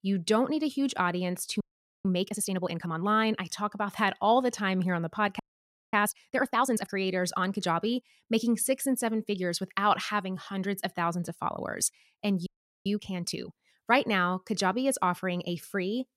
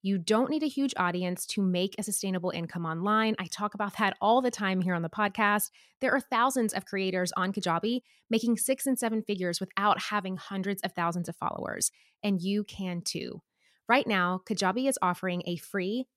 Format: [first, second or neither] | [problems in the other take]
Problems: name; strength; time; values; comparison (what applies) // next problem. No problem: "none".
second | audio freezing; at 1.5 s, at 5.5 s for 0.5 s and at 12 s